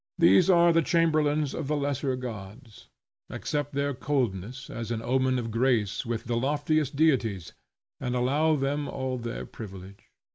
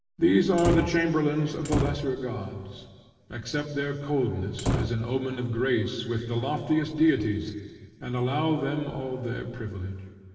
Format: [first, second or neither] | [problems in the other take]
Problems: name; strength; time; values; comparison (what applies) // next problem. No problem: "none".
first | background sound (Slam); 4 dB below the speech // room echo; dies away in 2 s